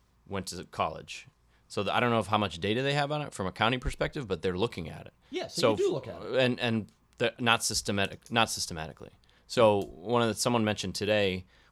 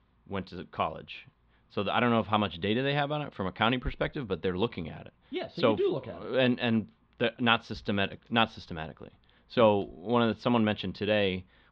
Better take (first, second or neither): first